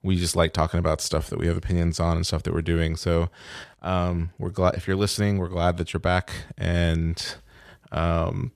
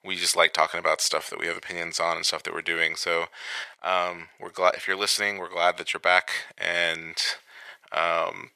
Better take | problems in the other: first | thin; very; fading below 750 Hz

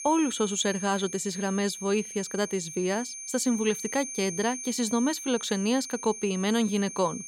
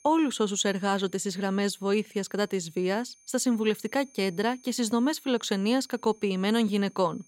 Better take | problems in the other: second | high-pitched whine; loud; throughout; 6.5 kHz, 8 dB below the speech; faint in the second

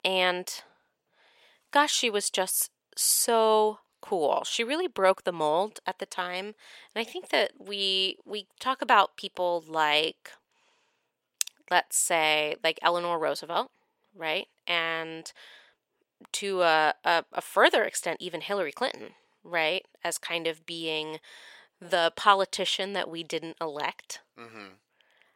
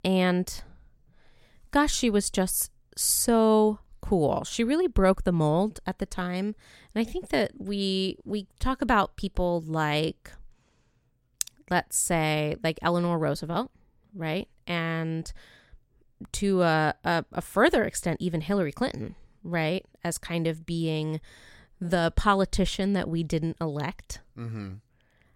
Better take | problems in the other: second | thin; very; fading below 550 Hz

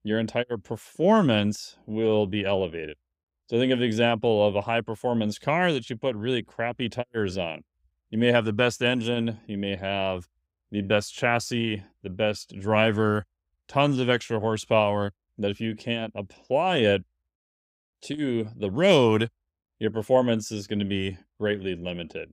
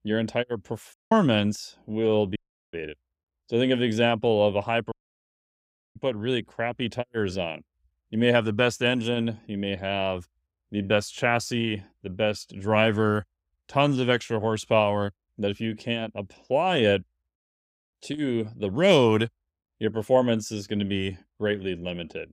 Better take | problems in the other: first | audio cutting out; at 1 s, at 2.5 s and at 5 s for 1 s

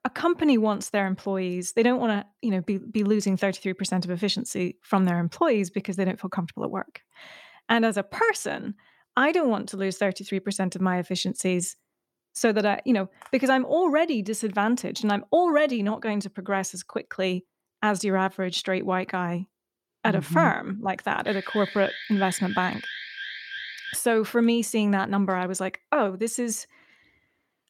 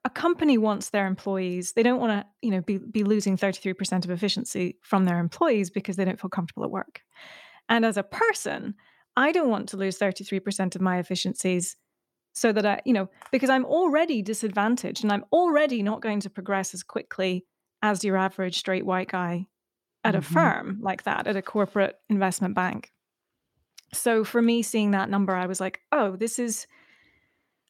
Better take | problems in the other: second | alarm; noticeable; from 21 to 24 s; peak 9 dB below the speech

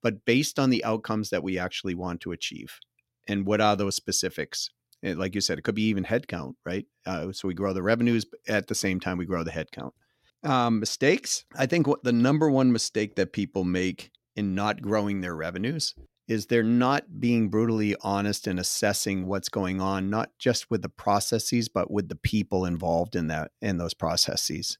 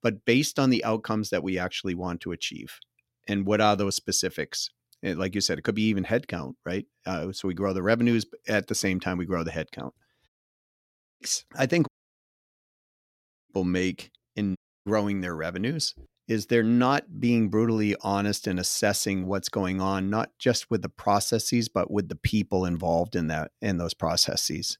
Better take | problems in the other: first | audio cutting out; at 10 s for 1 s, at 12 s for 1.5 s and at 15 s

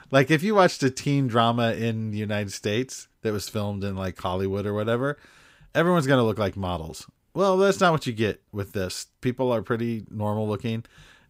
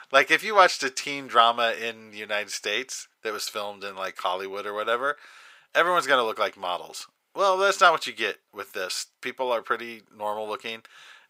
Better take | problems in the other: first | thin; very; fading below 700 Hz

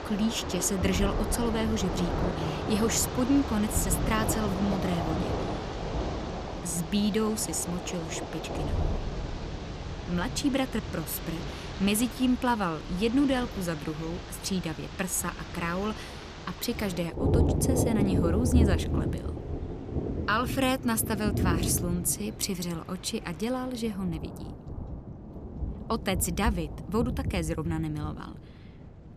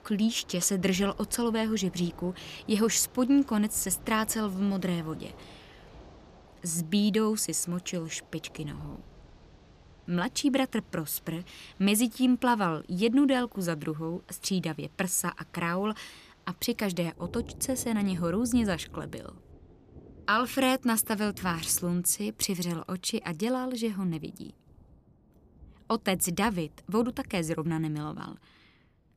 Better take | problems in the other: second | rain or running water; loud; throughout; 3 dB below the speech; faint in the second

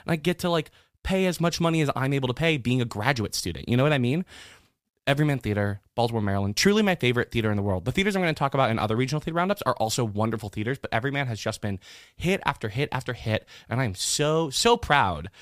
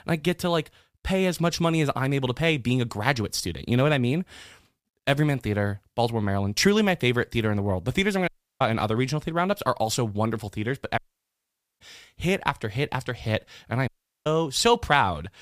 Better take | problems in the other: first | audio cutting out; at 8.5 s, at 11 s for 1 s and at 14 s

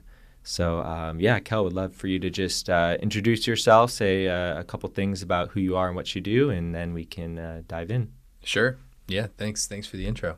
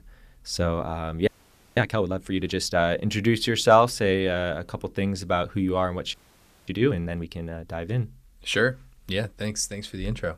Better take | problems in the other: first | audio freezing; at 1.5 s for 0.5 s and at 6 s for 0.5 s

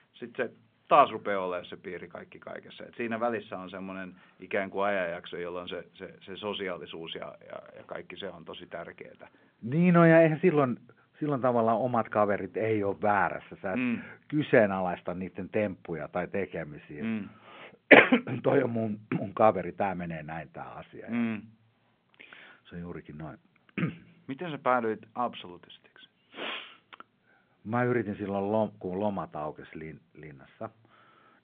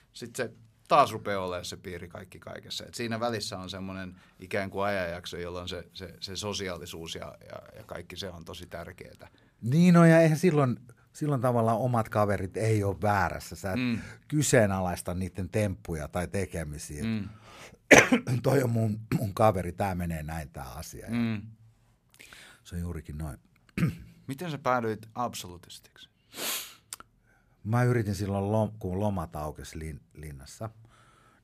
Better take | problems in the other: second | phone-call audio

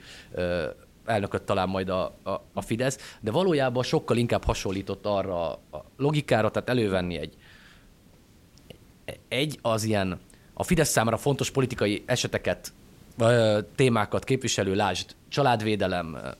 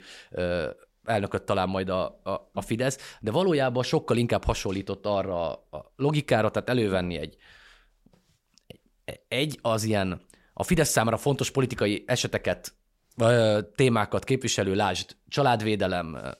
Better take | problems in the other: second | hiss; faint; throughout; 30 dB below the speech

